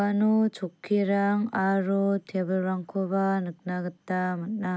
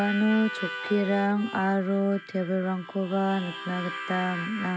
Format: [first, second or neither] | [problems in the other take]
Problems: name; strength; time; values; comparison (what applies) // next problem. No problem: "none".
first | background sound (Harmonica); 10 dB below the speech